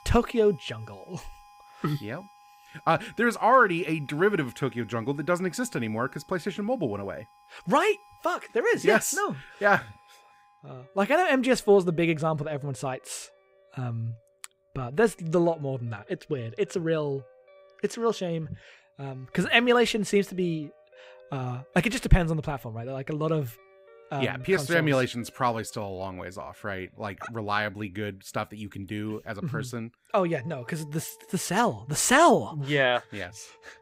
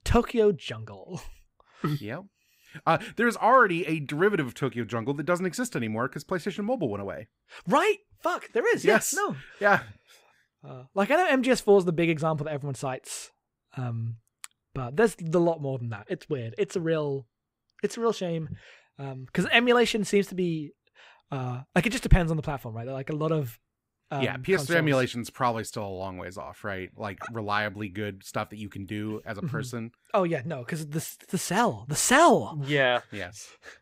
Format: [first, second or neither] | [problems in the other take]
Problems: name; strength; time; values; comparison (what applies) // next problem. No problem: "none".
second | background music; faint; throughout; 30 dB below the speech